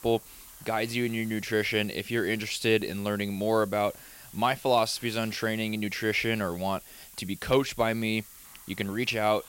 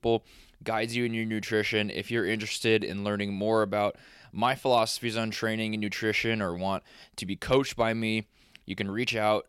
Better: second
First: hiss; noticeable; throughout; 20 dB below the speech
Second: none

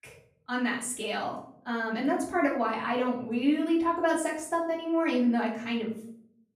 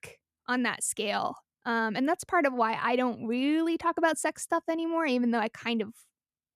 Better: second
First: off-mic speech; far // room echo; slight; dies away in 0.5 s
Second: none

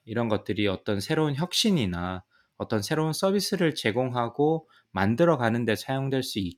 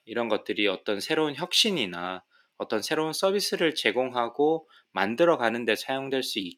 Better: first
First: none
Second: thin; somewhat; fading below 350 Hz

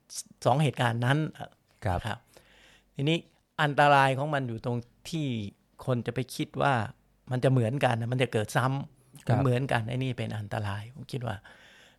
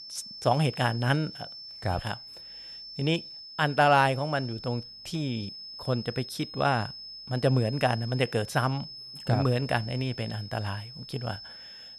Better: first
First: none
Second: high-pitched whine; noticeable; throughout; 5 kHz, 10 dB below the speech

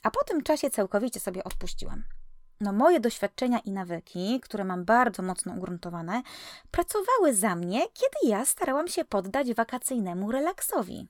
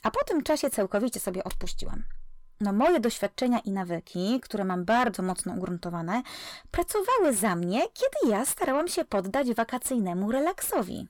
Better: first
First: none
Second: distortion; slight; 10 dB below the speech

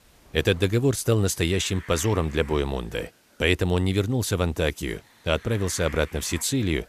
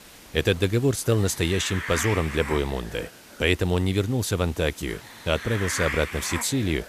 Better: first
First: hiss; faint; throughout; 20 dB below the speech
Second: hiss; loud; throughout; 9 dB below the speech

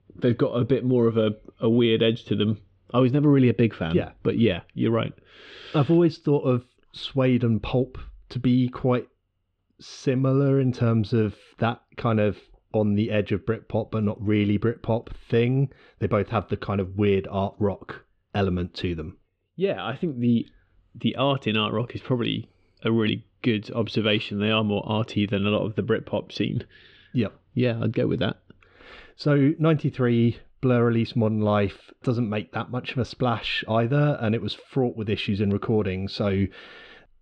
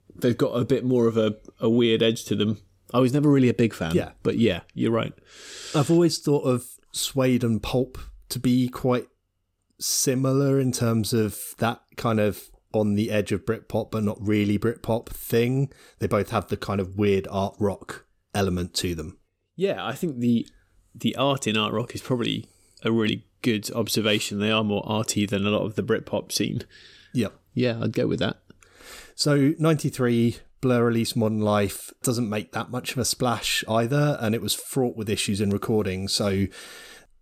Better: second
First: muffled; slightly; fading above 3 kHz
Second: none

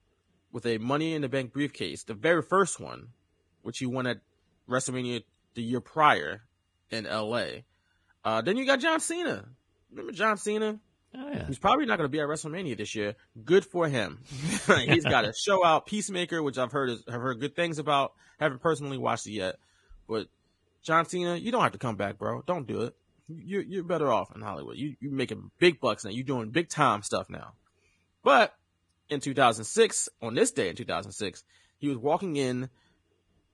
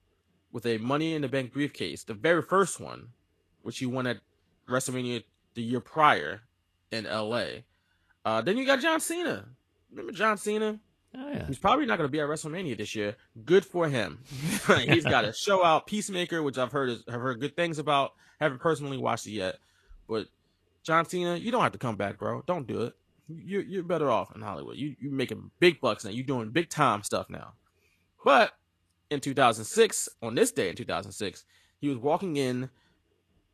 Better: second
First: garbled, watery; badly; nothing above 10 kHz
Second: garbled, watery; slightly; nothing above 12.5 kHz

